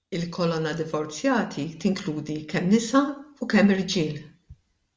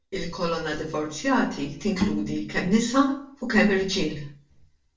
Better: first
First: none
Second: noise reduction (neural separator model SepFormer DNS4)

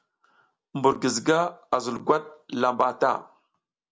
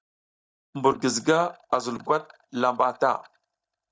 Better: first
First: none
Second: noise reduction (neural mask model DeepFilterNet 3)

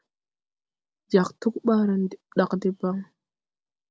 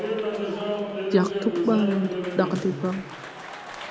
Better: first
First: none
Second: background sound (Applause); 2 dB below the speech

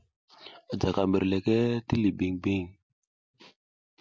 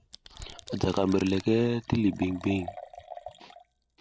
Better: first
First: none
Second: background sound (Domestic sounds, home sounds + Liquid); 17 dB below the speech

